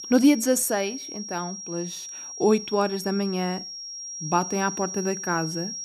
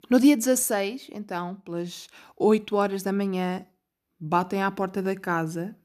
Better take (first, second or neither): second